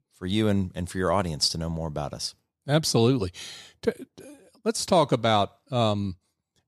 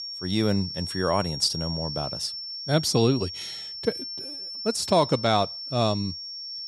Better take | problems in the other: first | high-pitched whine; loud; throughout; 5.5 kHz, 7 dB below the speech

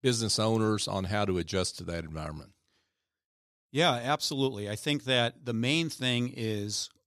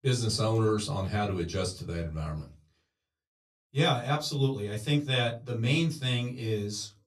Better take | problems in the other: first | off-mic speech; far // room echo; very slight; dies away in 0.3 s

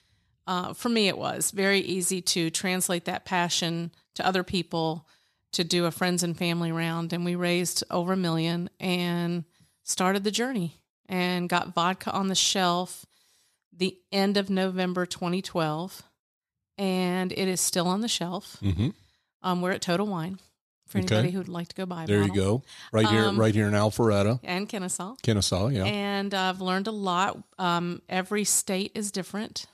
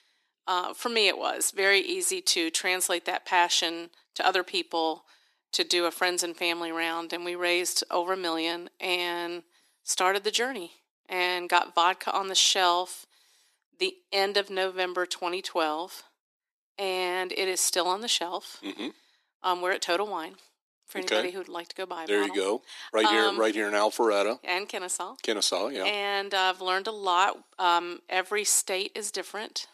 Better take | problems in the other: first | thin; very; fading below 300 Hz

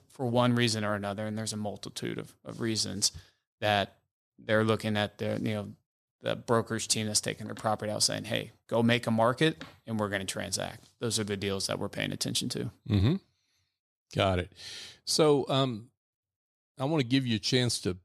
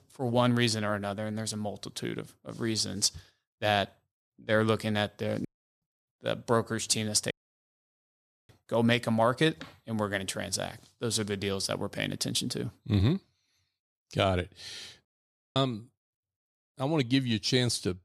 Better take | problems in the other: first | audio cutting out; at 5.5 s, at 7.5 s for 1 s and at 15 s for 0.5 s

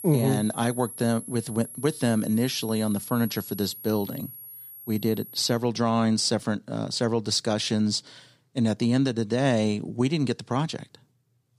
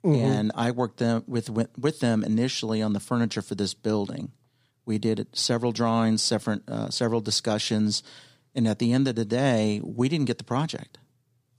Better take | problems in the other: second | high-pitched whine; noticeable; until 5.5 s; 11 kHz, 10 dB below the speech

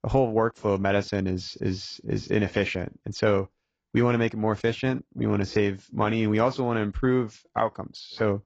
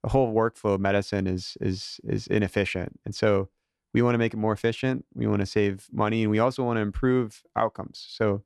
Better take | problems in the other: second | garbled, watery; badly; nothing above 7.5 kHz

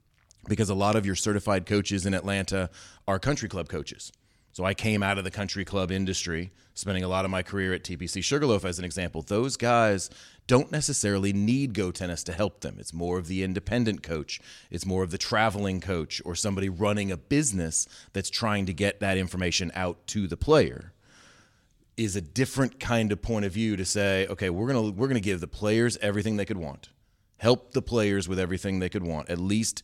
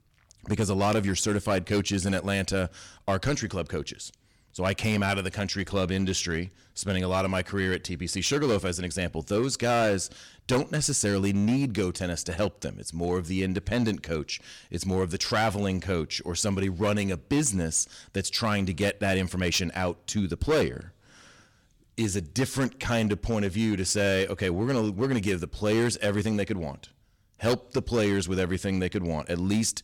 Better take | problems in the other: first | distortion; slight; 6% of the sound clipped

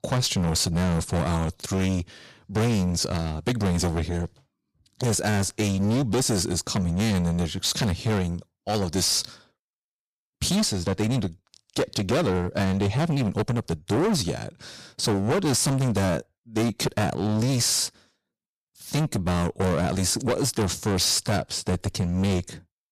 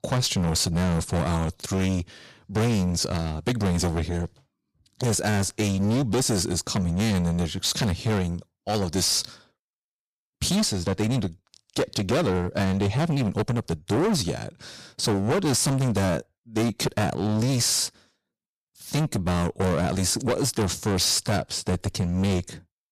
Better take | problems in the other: neither | distortion; heavy; 18% of the sound clipped; the same in both

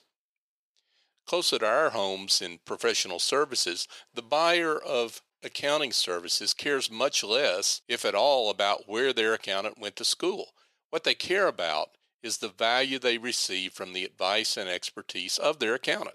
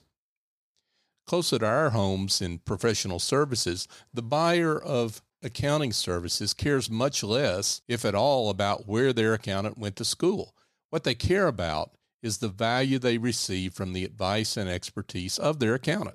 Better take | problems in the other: second | thin; somewhat; fading below 500 Hz

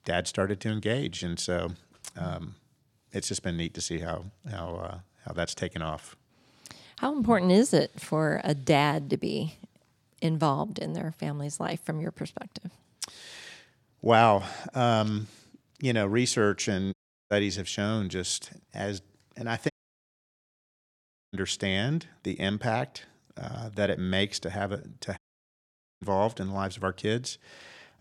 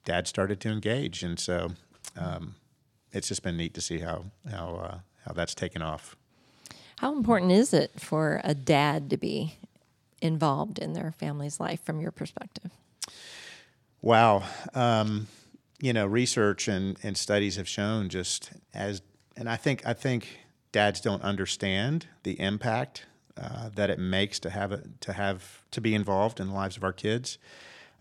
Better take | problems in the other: second | audio cutting out; at 17 s, at 20 s for 1.5 s and at 25 s for 1 s

